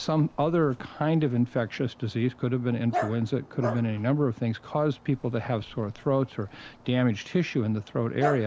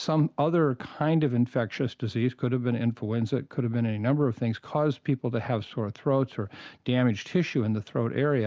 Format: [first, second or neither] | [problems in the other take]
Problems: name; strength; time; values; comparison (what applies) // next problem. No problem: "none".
second | background sound (Dog); 13 dB below the speech